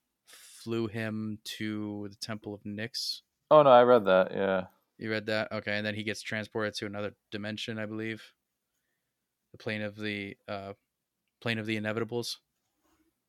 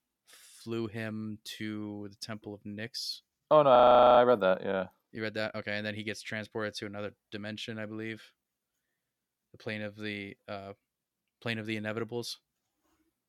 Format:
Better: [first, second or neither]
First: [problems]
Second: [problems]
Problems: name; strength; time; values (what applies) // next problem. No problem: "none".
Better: first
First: none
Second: audio freezing; at 4 s